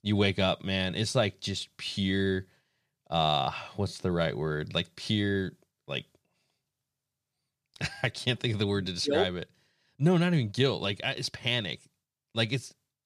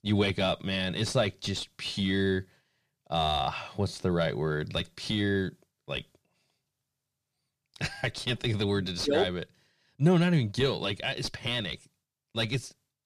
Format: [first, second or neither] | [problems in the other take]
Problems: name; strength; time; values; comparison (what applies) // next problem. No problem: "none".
first | distortion; slight; 10 dB below the speech